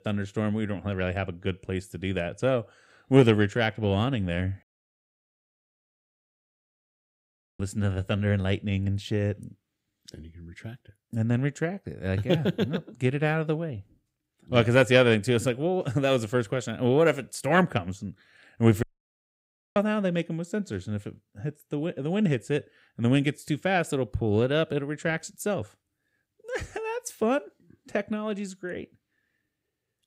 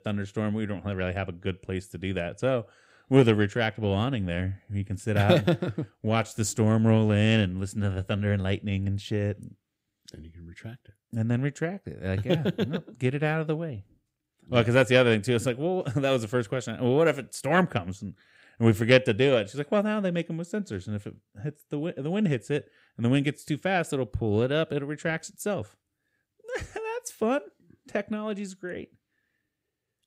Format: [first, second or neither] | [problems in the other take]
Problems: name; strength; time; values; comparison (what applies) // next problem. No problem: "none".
second | audio cutting out; at 4.5 s for 3 s and at 19 s for 1 s